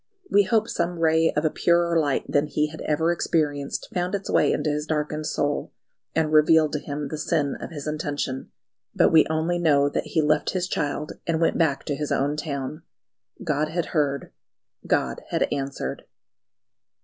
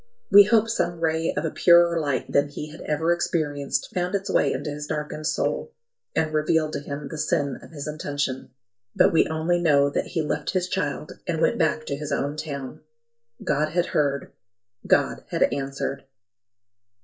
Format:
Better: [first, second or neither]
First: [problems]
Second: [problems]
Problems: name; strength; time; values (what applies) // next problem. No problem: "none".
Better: first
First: none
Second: noise reduction (neural mask model DeepFilterNet 3)